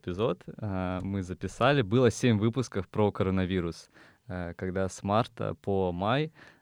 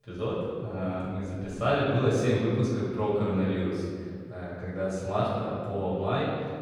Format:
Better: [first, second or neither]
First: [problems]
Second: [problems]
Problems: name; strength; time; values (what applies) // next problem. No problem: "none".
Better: first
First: none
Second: room echo; strong; dies away in 1.8 s // off-mic speech; far